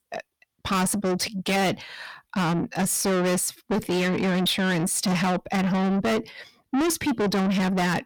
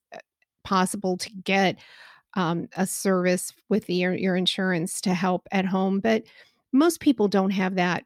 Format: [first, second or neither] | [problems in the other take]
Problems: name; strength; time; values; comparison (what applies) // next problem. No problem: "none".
second | distortion; heavy; 6 dB below the speech